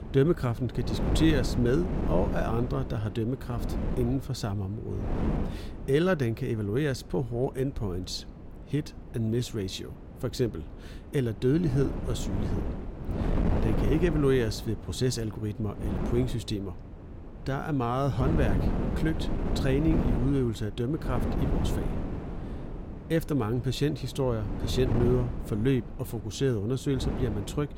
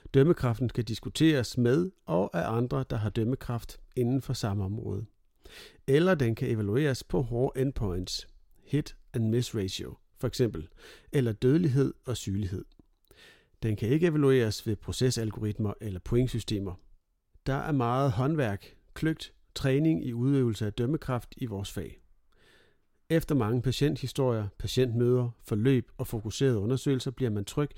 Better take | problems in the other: second | wind noise on the microphone; heavy; 7 dB below the speech

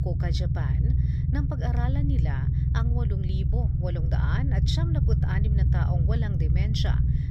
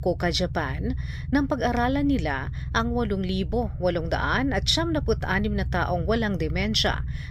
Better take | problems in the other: second | low rumble; loud; throughout; 1 dB below the speech; faint in the second

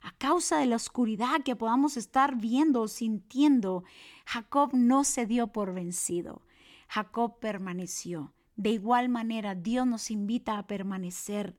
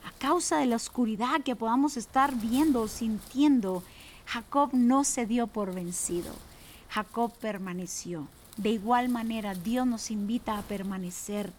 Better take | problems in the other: first | wind noise on the microphone; occasional gusts; 20 dB below the speech

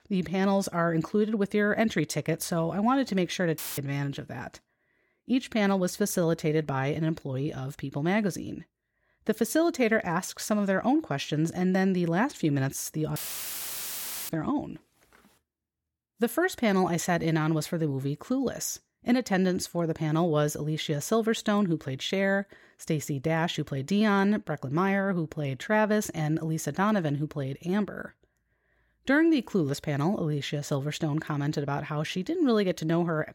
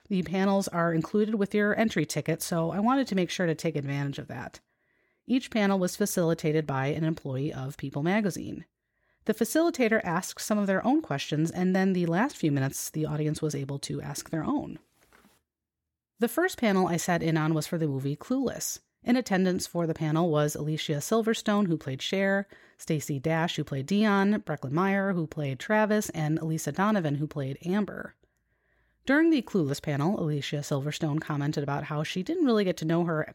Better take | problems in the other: second | audio cutting out; filled with static; at 3.5 s and at 13 s for 1 s

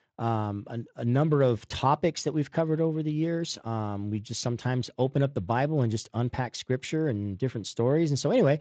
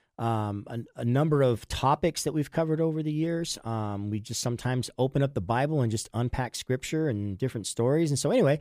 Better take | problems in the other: second | garbled, watery; slightly; nothing above 7.5 kHz

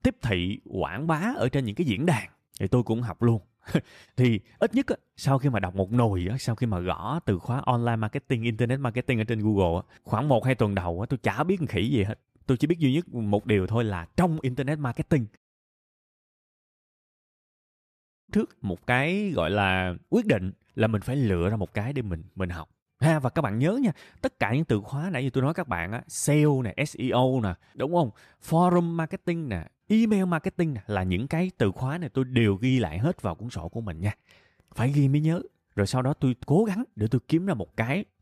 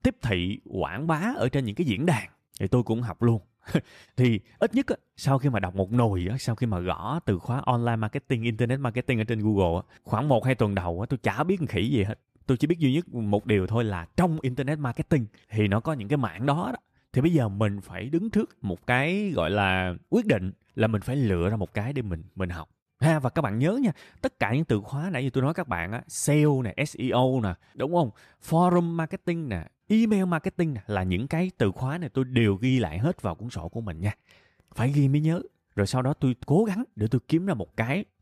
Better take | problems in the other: second | audio cutting out; at 15 s for 3 s

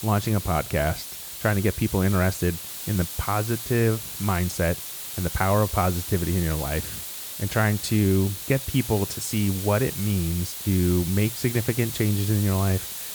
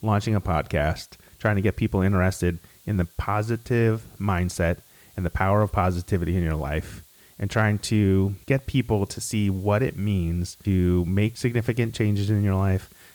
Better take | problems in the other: second | hiss; loud; throughout; 7 dB below the speech; faint in the second

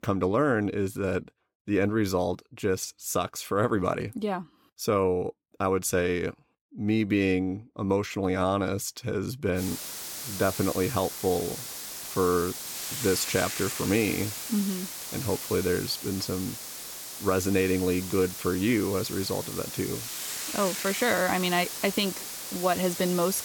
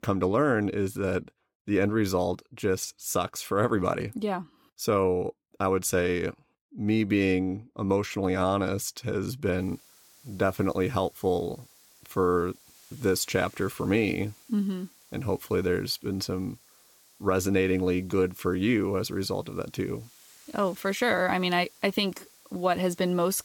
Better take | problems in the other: second | hiss; loud; from 9.5 s on; 6 dB below the speech; faint in the second

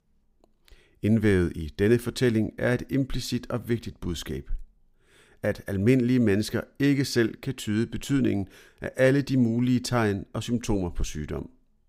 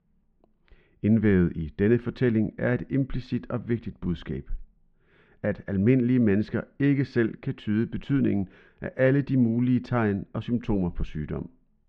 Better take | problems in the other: first | muffled; very; fading above 2.5 kHz

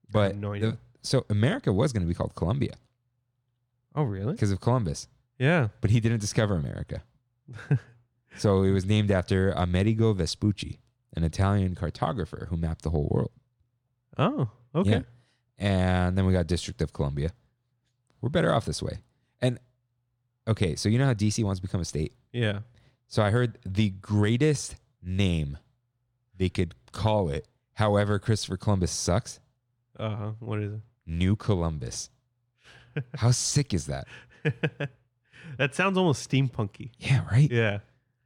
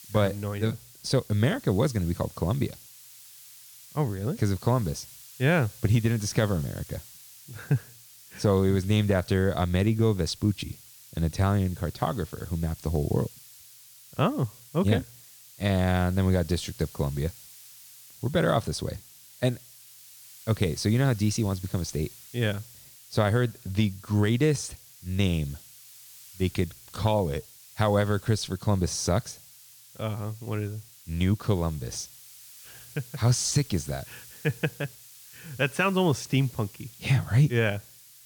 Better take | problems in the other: first | hiss; noticeable; throughout; 20 dB below the speech

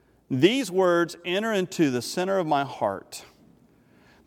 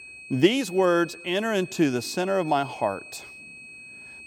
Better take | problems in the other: first | high-pitched whine; noticeable; throughout; 2.5 kHz, 15 dB below the speech

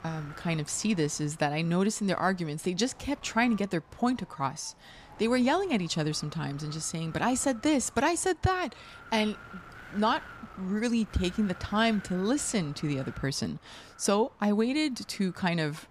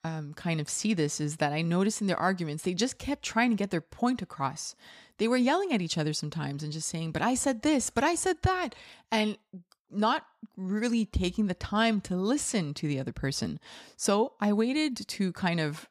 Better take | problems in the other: second | wind noise on the microphone; occasional gusts; 20 dB below the speech

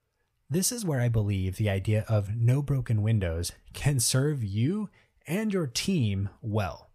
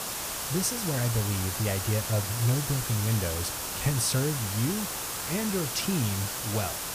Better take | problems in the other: first | hiss; loud; throughout; 2 dB below the speech

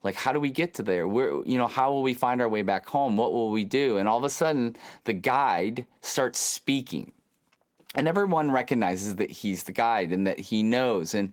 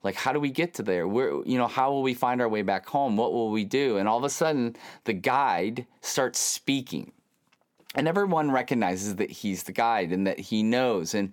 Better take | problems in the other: second | garbled, watery; slightly; nothing above 18 kHz

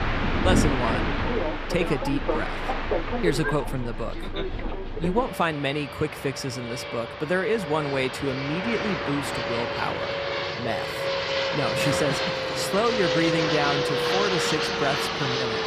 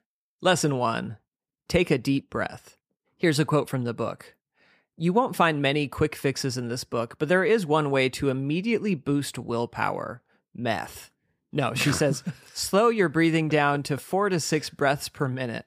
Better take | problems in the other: second | train or aircraft noise; very loud; throughout; 1 dB above the speech

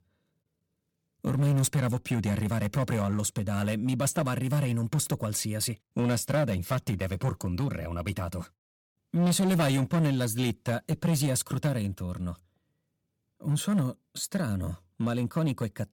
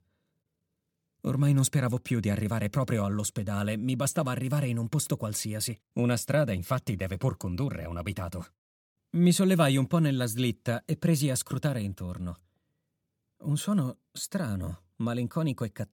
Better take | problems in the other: second | distortion; slight; 8% of the sound clipped

